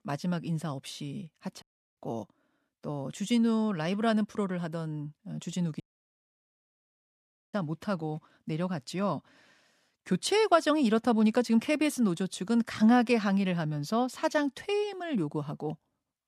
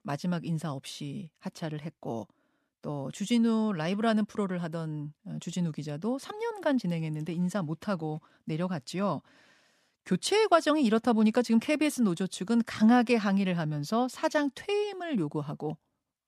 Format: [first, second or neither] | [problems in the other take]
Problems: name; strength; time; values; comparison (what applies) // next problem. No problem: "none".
second | audio cutting out; at 1.5 s and at 6 s for 1.5 s